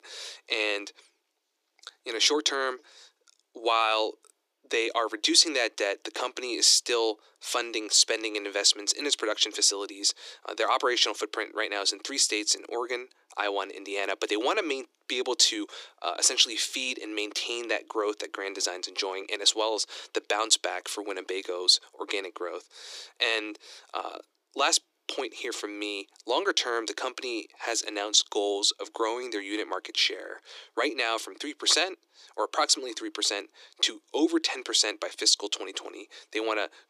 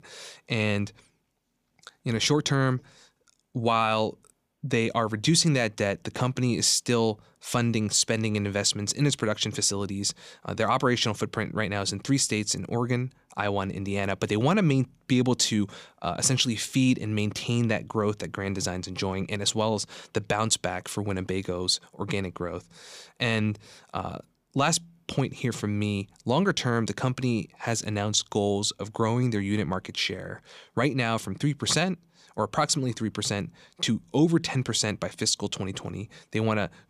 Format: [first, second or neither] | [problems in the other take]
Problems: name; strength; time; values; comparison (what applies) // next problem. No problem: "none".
second | thin; very; fading below 300 Hz